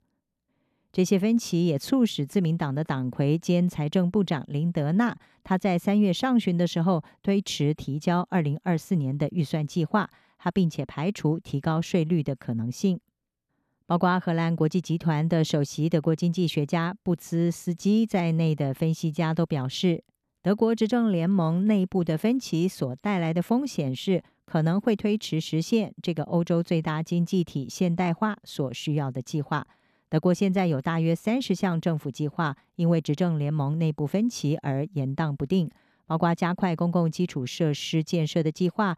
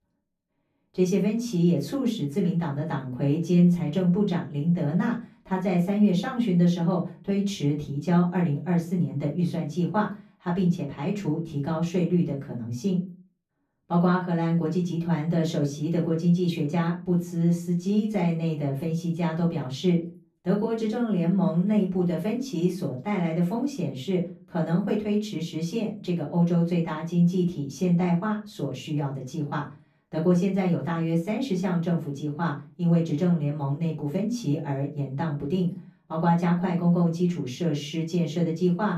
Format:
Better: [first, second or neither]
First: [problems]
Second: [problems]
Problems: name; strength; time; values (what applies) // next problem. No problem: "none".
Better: first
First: none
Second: off-mic speech; far // room echo; slight; dies away in 0.3 s